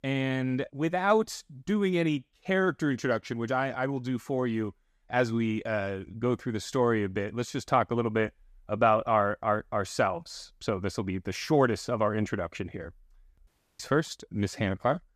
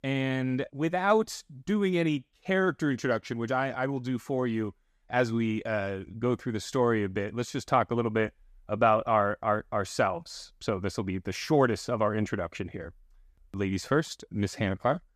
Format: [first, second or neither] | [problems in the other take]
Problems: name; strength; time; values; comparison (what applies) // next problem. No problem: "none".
second | audio cutting out; at 13 s